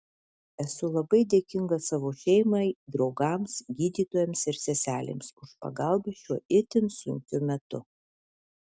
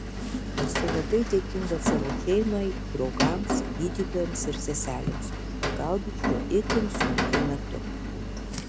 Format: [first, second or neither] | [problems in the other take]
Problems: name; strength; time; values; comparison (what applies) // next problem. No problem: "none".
first | background sound (Rain); 1 dB above the speech